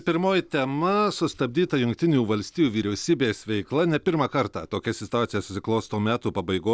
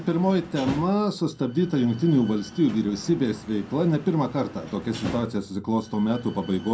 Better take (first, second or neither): first